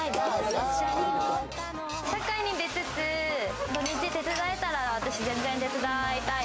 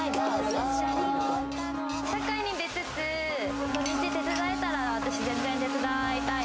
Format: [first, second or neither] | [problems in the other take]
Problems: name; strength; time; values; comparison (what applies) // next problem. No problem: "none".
first | background sound (Wind instrument, woodwind instrument); 3 dB below the speech